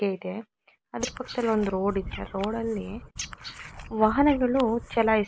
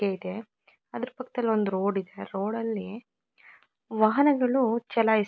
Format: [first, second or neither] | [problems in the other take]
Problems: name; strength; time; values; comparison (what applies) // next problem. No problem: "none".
second | background sound (Frog); 13 dB below the speech